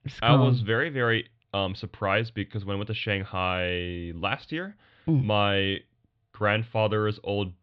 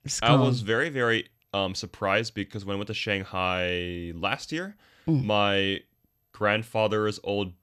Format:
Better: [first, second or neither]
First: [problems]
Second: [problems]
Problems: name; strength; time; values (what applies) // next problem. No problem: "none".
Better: second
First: muffled; slightly; fading above 3.5 kHz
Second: none